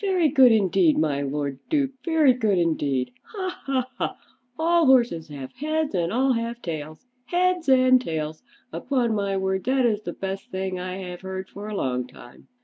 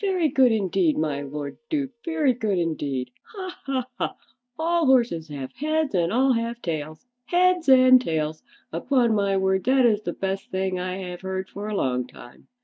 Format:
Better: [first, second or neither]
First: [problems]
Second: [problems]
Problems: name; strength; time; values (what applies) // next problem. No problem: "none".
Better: first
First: none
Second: noise reduction (neural mask model DeepFilterNet 3)